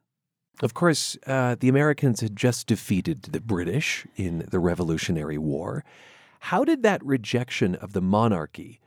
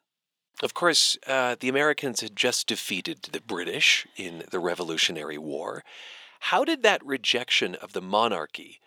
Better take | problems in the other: first | thin; somewhat; fading below 450 Hz

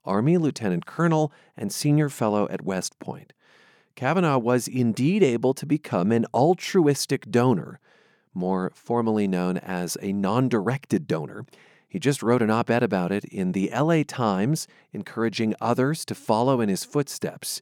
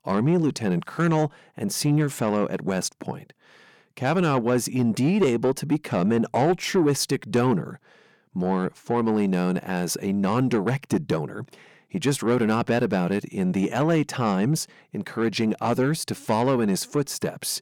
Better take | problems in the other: first | distortion; slight; 10 dB below the speech

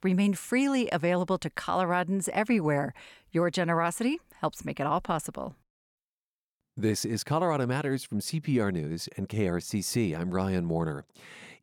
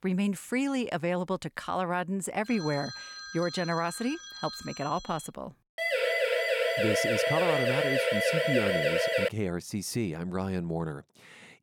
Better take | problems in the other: first | phone ringing; noticeable; from 2.5 to 5.5 s; peak 7 dB below the speech // siren; loud; from 6 to 9.5 s; peak 6 dB above the speech

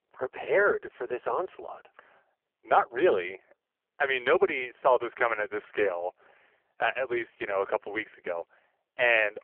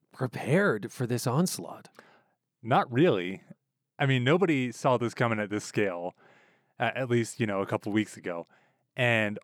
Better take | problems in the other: second | phone-call audio; poor line; nothing above 3 kHz

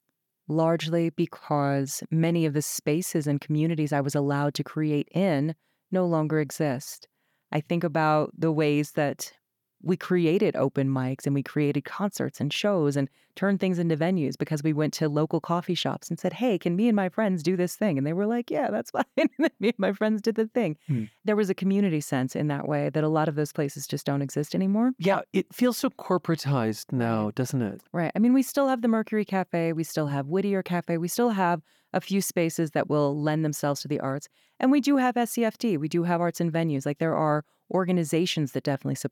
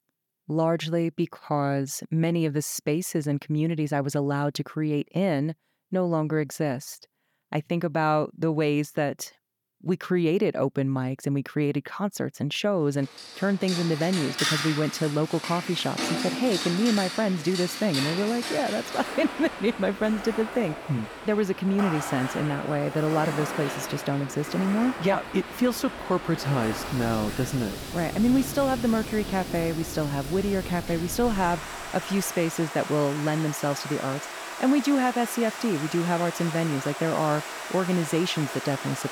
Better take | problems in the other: first | rain or running water; loud; from 13 s on; 7 dB below the speech

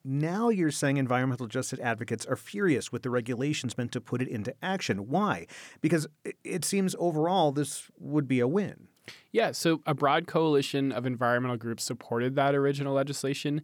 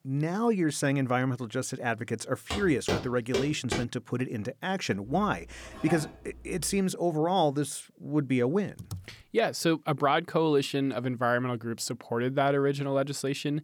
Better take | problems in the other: first | footsteps; noticeable; from 2.5 to 4 s; peak 3 dB below the speech // clattering dishes; noticeable; from 5 to 7 s; peak 10 dB below the speech // keyboard typing; faint; at 9 s; peak 15 dB below the speech

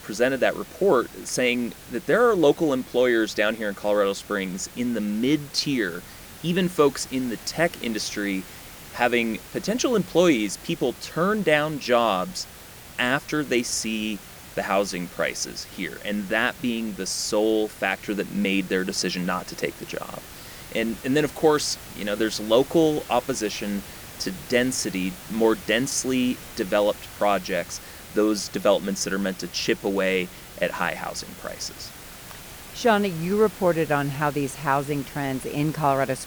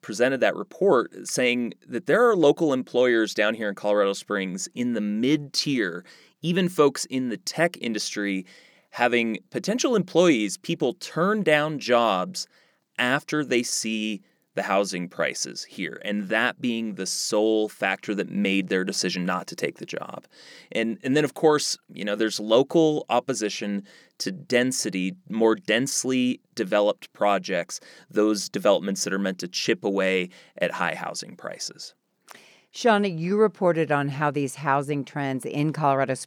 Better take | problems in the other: second | hiss; noticeable; throughout; 15 dB below the speech

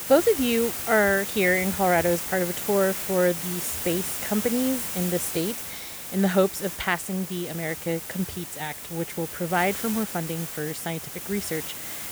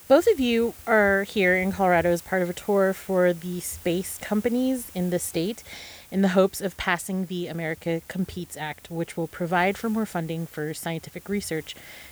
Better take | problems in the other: second | hiss; loud; throughout; 5 dB below the speech; faint in the second

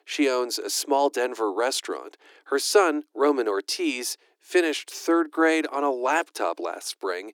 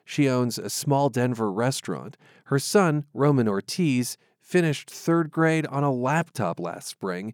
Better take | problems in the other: second | thin; somewhat; fading below 300 Hz

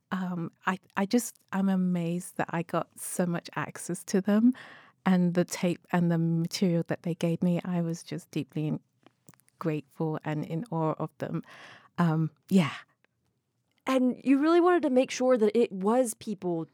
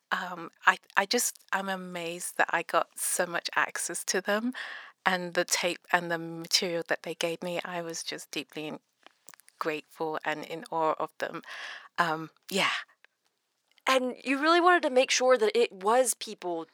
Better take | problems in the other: first | thin; very; fading below 600 Hz

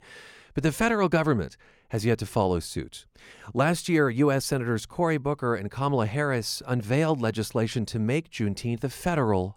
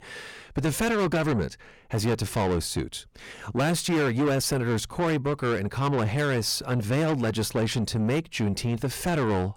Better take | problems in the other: first | distortion; heavy; 7 dB below the speech

